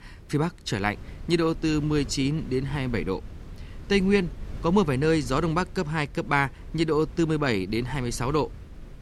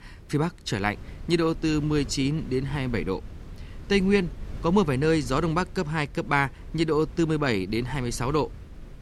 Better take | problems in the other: neither | wind noise on the microphone; occasional gusts; 25 dB below the speech; the same in both

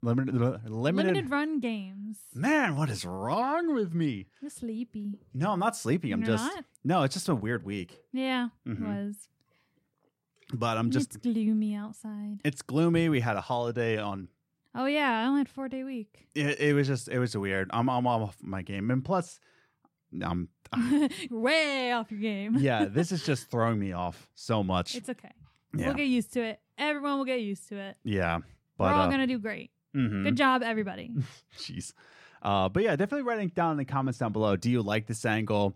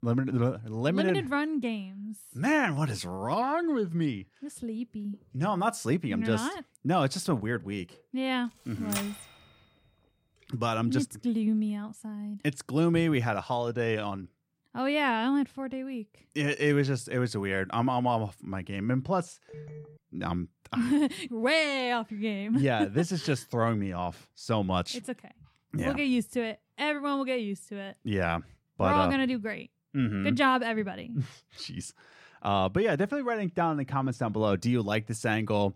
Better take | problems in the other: first | keyboard typing; noticeable; at 9 s; peak 5 dB below the speech // phone ringing; faint; at 19 s; peak 15 dB below the speech

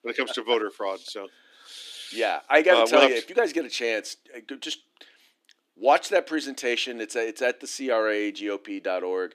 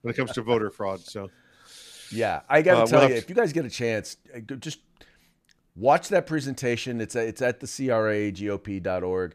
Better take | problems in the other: second | thin; very slightly; fading below 300 Hz

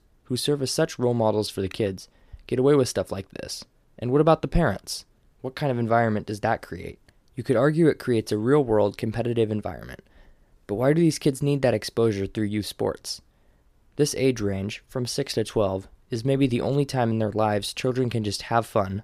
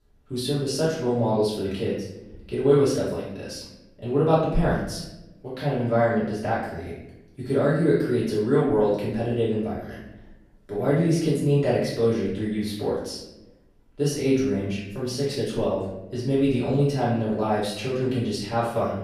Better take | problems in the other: first | room echo; noticeable; dies away in 0.7 s // off-mic speech; far

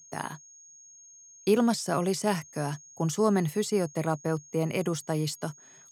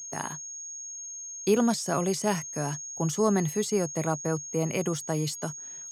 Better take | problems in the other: first | high-pitched whine; loud; throughout; 6.5 kHz, 8 dB below the speech; faint in the first

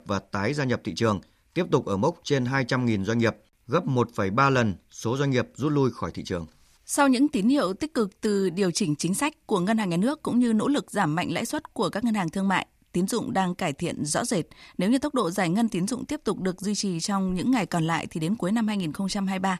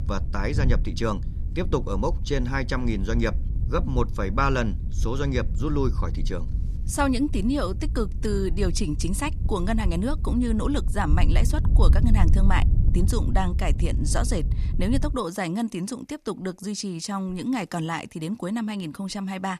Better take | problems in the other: first | wind noise on the microphone; occasional gusts; until 15 s; 15 dB below the speech

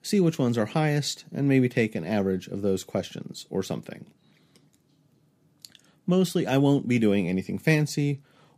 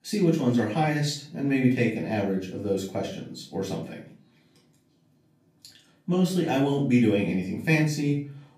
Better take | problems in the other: first | room echo; slight; dies away in 0.4 s // off-mic speech; far

